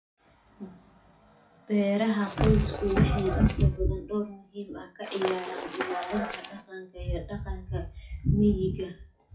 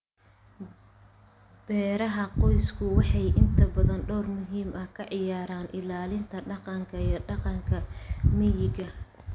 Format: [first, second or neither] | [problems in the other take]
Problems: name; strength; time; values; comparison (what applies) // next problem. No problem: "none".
second | noise reduction (classical method WPE with log-MMSE)